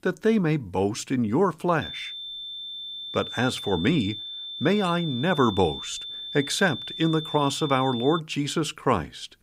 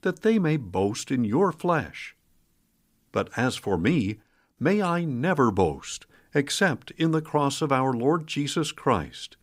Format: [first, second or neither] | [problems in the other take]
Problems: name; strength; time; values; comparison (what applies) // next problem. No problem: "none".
second | high-pitched whine; loud; from 2 to 8 s; 3.5 kHz, 8 dB below the speech